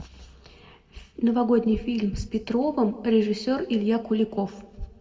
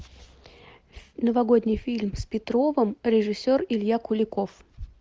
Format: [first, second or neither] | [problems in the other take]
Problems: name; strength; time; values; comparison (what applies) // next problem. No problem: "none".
second | room echo; dies away in 0.9 s